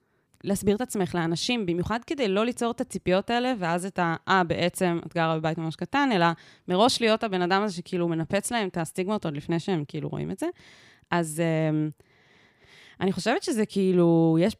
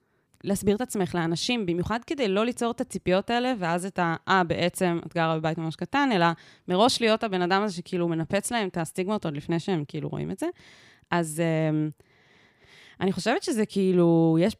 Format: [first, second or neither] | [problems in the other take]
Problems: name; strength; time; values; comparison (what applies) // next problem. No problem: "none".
neither | none